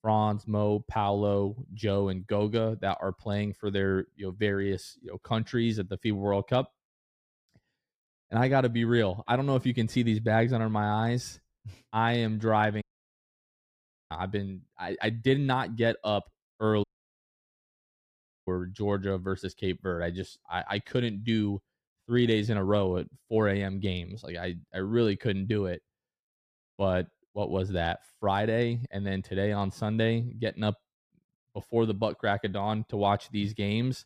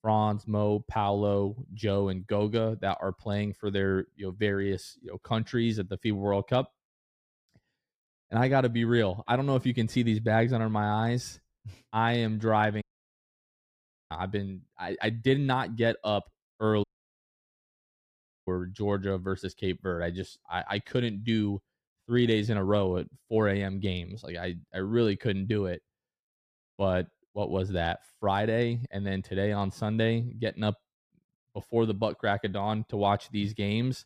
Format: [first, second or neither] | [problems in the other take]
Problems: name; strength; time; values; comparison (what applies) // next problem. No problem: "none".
neither | audio cutting out; at 13 s for 1.5 s and at 17 s for 1.5 s; the same in both